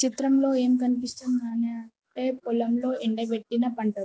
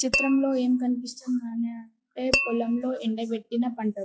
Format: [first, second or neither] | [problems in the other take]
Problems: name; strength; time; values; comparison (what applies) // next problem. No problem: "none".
first | noise reduction (classical method log-MMSE)